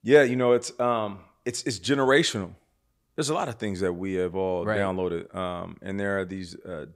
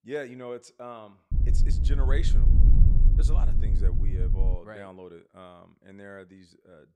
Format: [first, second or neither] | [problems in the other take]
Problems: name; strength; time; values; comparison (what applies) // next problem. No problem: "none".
first | wind noise on the microphone; heavy; from 1.5 to 4.5 s; 3 dB below the speech